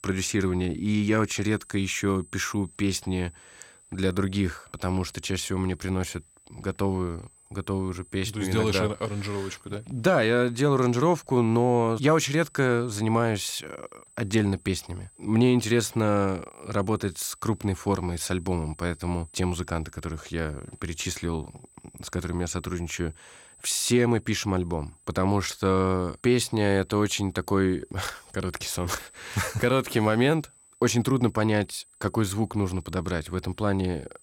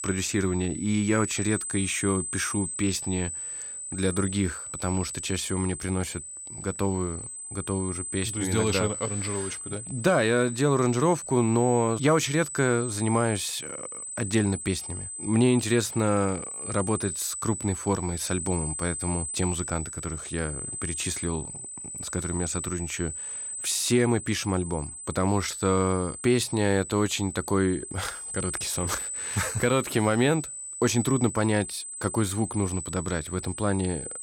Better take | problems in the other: first | high-pitched whine; loud; throughout; 8 kHz, 6 dB below the speech; faint in the first

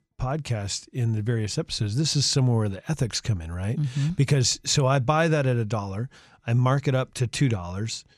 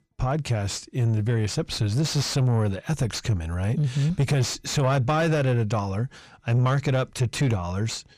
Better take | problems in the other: first | distortion; slight; 9 dB below the speech

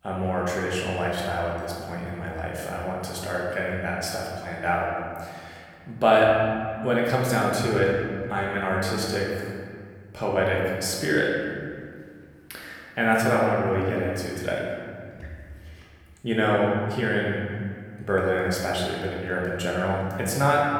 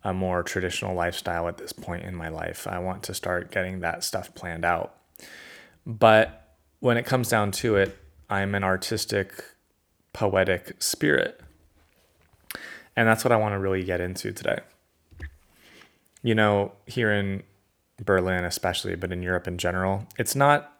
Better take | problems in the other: second | room echo; noticeable; dies away in 1.9 s // off-mic speech; far

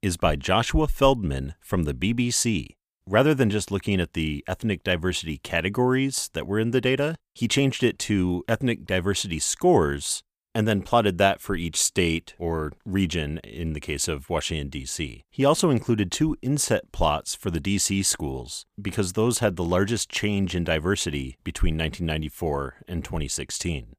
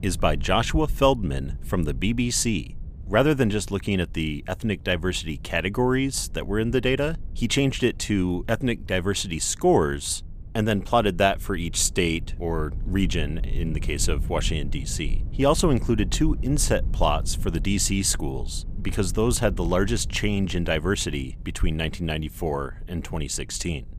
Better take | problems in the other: first | low rumble; faint; throughout; 25 dB below the speech

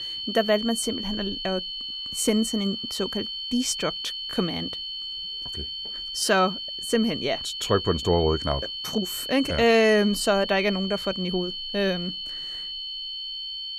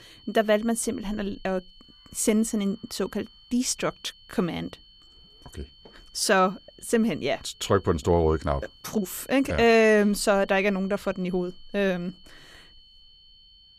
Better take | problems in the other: second | high-pitched whine; loud; throughout; 3 kHz, 5 dB below the speech; faint in the second

